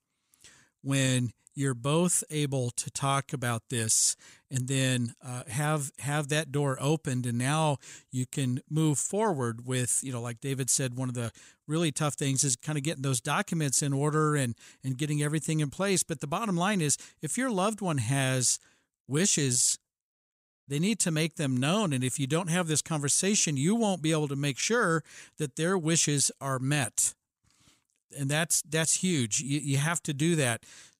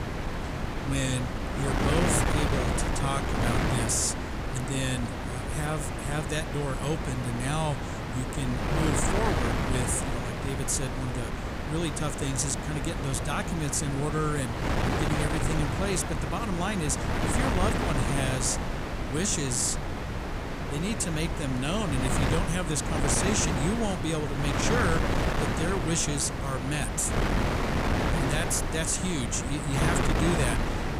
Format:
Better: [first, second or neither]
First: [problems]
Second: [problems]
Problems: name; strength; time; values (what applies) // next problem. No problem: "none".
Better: first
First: none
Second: wind noise on the microphone; heavy; as loud as the speech